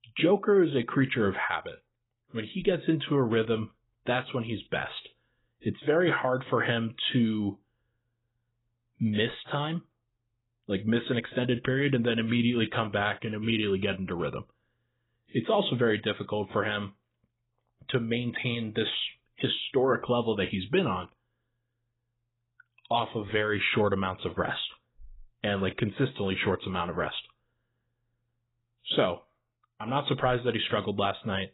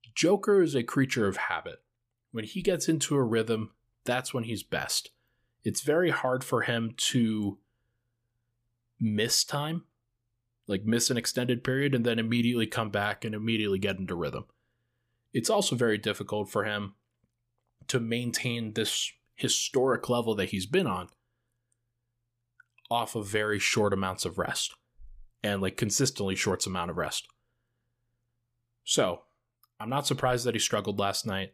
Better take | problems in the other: second | garbled, watery; badly; nothing above 4 kHz

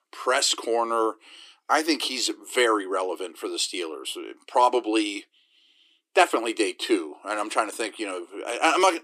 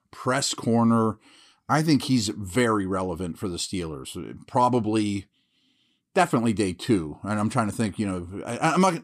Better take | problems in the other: second | thin; very; fading below 350 Hz

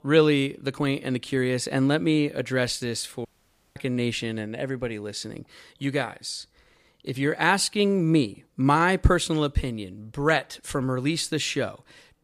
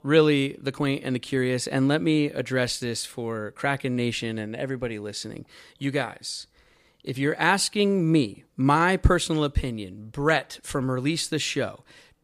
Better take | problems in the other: second | audio cutting out; at 3.5 s for 0.5 s

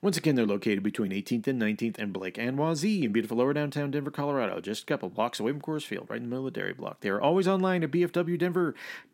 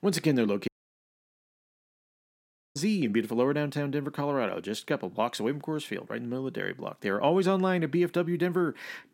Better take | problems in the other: first | audio cutting out; at 0.5 s for 2 s

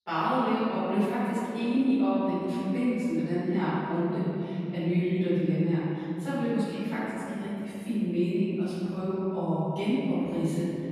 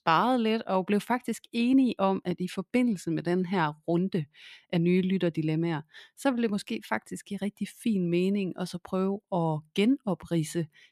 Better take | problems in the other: second | off-mic speech; far // room echo; strong; dies away in 3 s

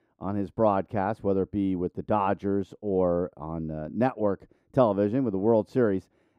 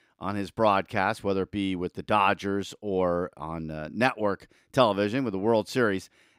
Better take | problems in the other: second | muffled; very; fading above 1.5 kHz

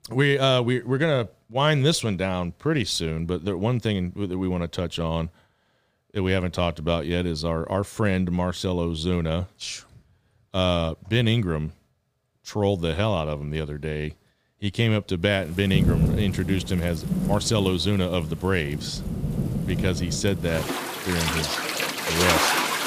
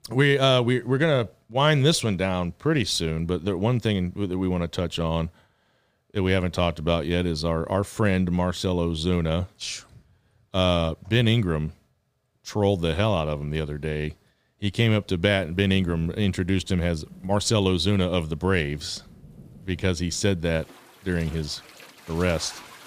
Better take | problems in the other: second | rain or running water; loud; from 15 s on; 1 dB below the speech; faint in the second

